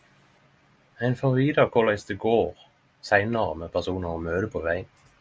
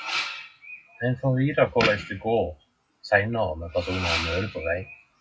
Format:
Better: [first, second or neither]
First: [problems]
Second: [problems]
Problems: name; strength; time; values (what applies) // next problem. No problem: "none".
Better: first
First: none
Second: noise reduction (classical method WPE with log-MMSE)